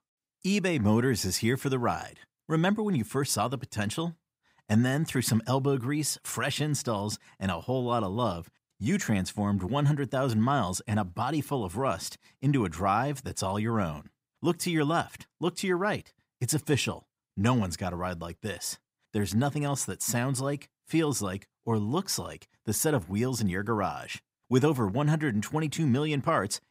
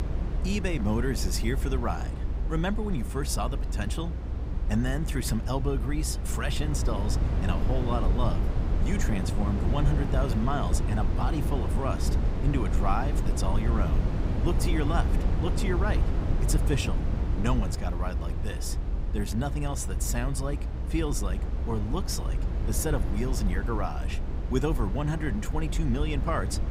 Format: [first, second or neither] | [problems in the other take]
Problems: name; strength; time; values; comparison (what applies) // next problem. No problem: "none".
first | low rumble; loud; throughout; 6 dB below the speech